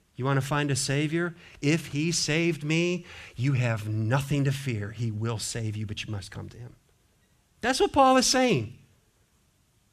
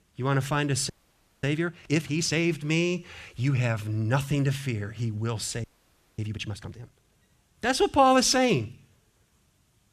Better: first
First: none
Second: audio freezing; at 1 s for 0.5 s and at 5.5 s for 0.5 s

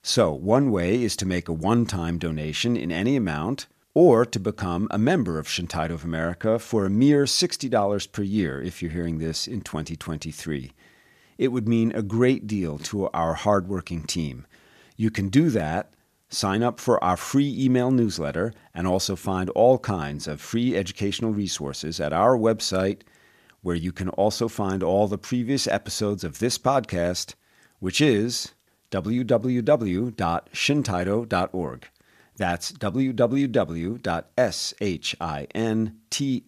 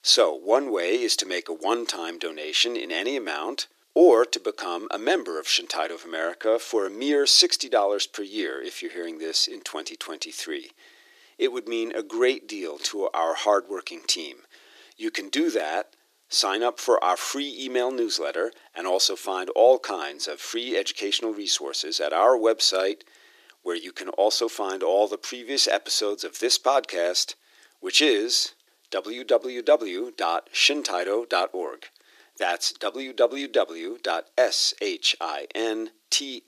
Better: first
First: none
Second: thin; very; fading below 300 Hz

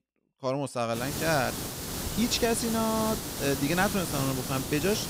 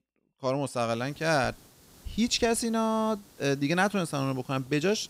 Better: second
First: hiss; loud; from 1 s on; 4 dB below the speech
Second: hiss; faint; from 1 s on; 25 dB below the speech

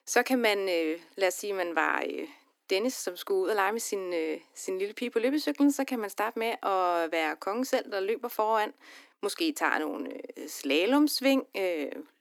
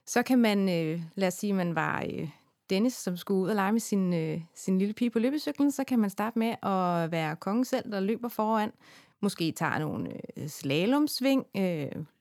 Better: second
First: thin; very slightly; fading below 300 Hz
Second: none

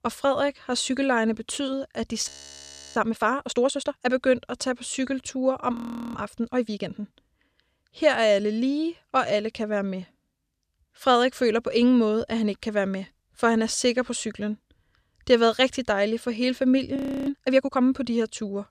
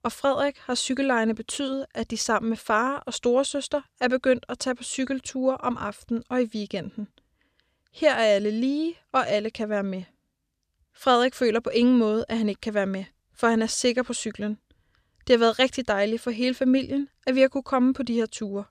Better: second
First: audio freezing; at 2.5 s for 0.5 s, at 6 s and at 17 s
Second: none

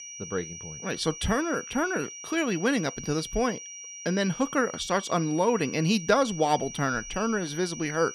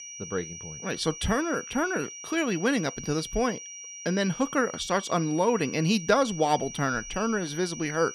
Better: neither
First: high-pitched whine; noticeable; throughout; 6 kHz, 10 dB below the speech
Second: high-pitched whine; noticeable; throughout; 6 kHz, 10 dB below the speech

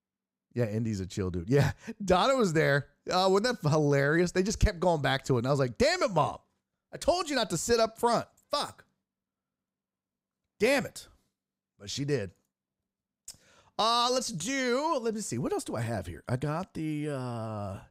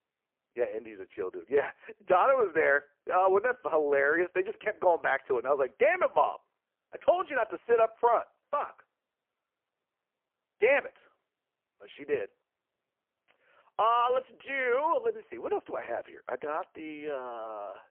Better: first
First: none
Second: phone-call audio; poor line; nothing above 3 kHz

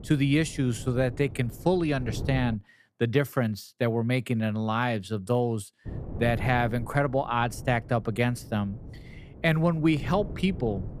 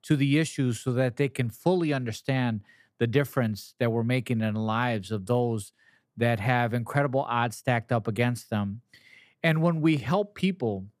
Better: second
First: wind noise on the microphone; occasional gusts; until 2.5 s and from 6 s on; 20 dB below the speech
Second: none

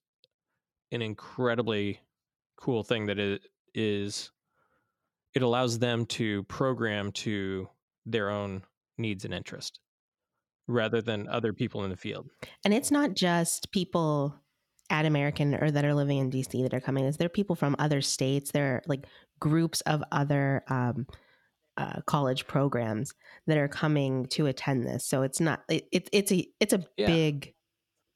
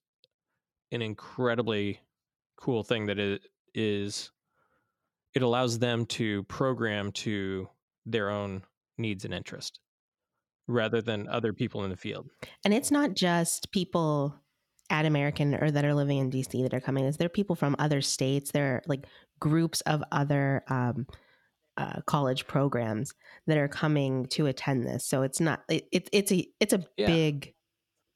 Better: neither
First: none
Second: none

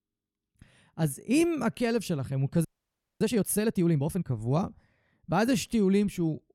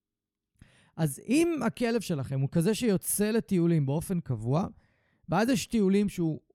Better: second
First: audio freezing; at 2.5 s for 0.5 s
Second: none

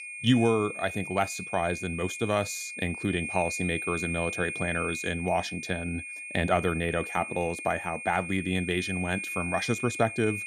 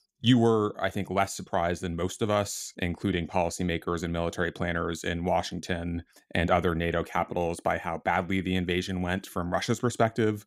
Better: second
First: high-pitched whine; loud; throughout; 2.5 kHz, 5 dB below the speech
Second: none

